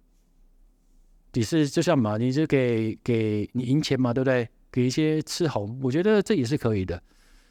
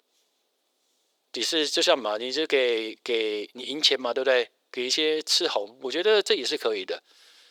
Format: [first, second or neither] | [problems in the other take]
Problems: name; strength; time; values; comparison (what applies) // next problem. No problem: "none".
first | thin; very; fading below 450 Hz